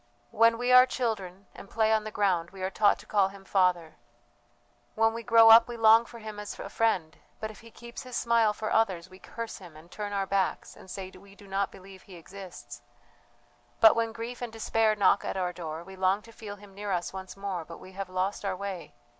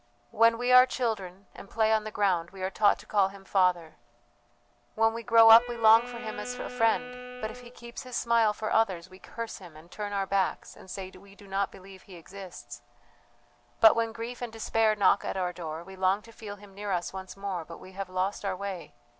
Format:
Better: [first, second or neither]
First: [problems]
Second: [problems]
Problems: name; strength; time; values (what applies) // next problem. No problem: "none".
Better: first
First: none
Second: background sound (Wind instrument, woodwind instrument); 13 dB below the speech